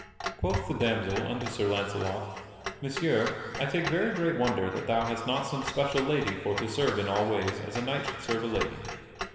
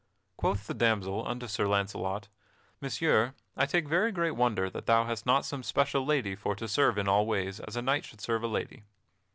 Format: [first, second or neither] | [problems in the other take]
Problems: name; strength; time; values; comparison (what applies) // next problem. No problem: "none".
second | background sound (Clock); 10 dB below the speech // room echo; dies away in 2.2 s